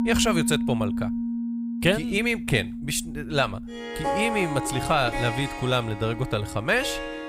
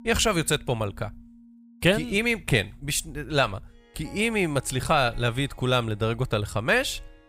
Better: second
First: background music; loud; throughout; 5 dB below the speech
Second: background music; faint; throughout; 30 dB below the speech

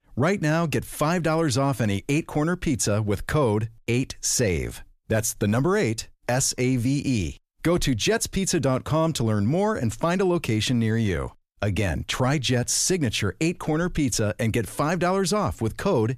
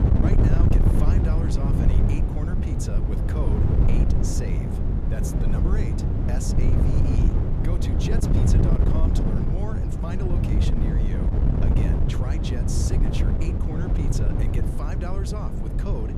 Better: first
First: none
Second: wind noise on the microphone; heavy; 4 dB above the speech

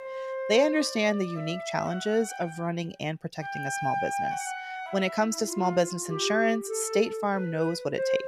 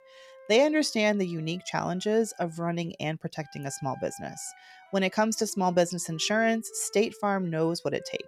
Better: second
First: background music; loud; throughout; 6 dB below the speech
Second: background music; faint; throughout; 25 dB below the speech

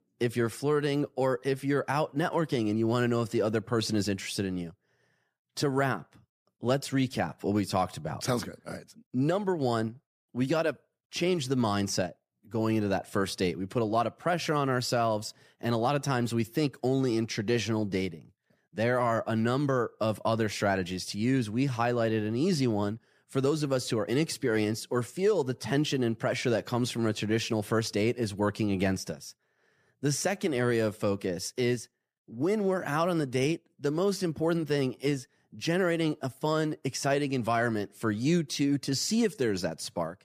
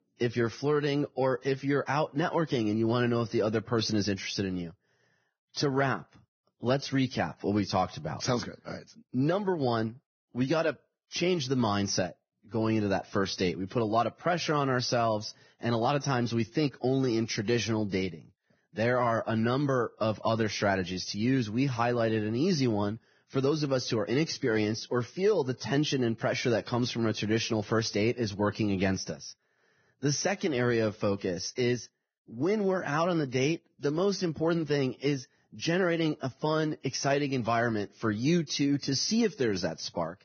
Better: first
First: none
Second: garbled, watery; badly; nothing above 6.5 kHz

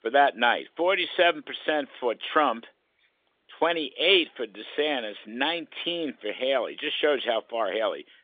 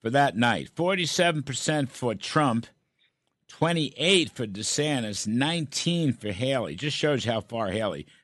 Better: second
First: phone-call audio; nothing above 3.5 kHz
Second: none

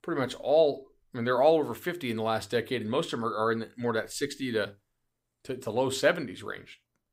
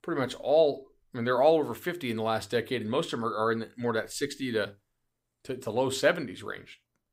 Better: neither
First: none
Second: none

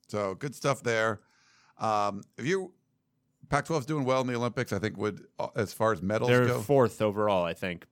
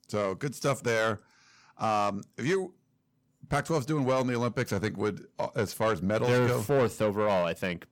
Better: first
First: none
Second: distortion; slight; 10 dB below the speech

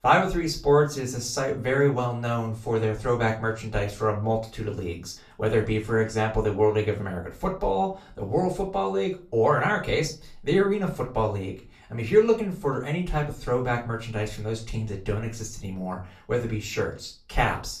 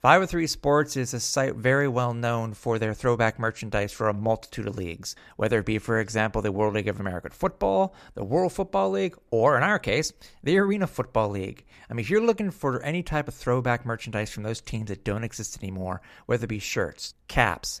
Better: second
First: off-mic speech; far // room echo; very slight; dies away in 0.3 s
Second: none

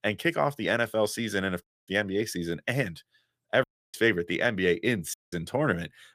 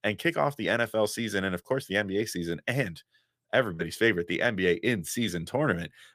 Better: second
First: audio cutting out; at 1.5 s, at 3.5 s and at 5 s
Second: none

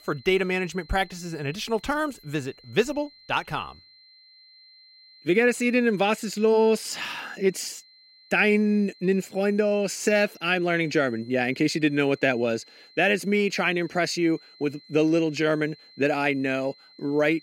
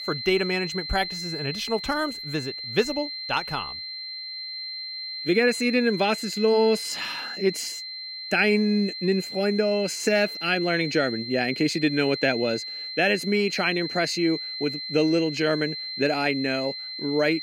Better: first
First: high-pitched whine; faint; throughout; 4 kHz, 25 dB below the speech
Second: high-pitched whine; loud; throughout; 4 kHz, 7 dB below the speech

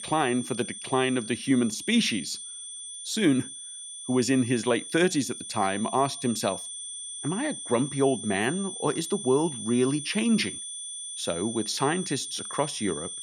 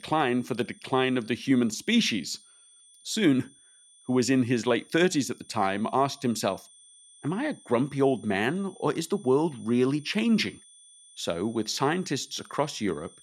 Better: second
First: high-pitched whine; loud; throughout; 9 kHz, 8 dB below the speech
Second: high-pitched whine; faint; throughout; 9 kHz, 25 dB below the speech

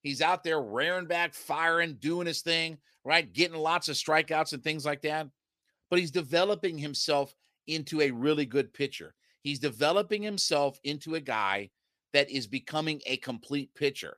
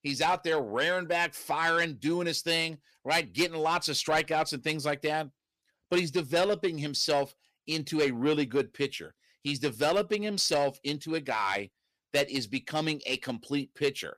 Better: first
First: none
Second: distortion; slight; 10 dB below the speech

